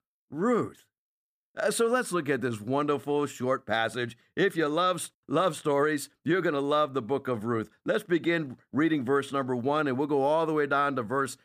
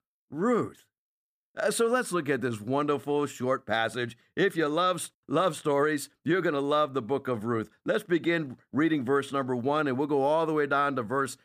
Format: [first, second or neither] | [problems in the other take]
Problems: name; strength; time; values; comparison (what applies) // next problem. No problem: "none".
neither | none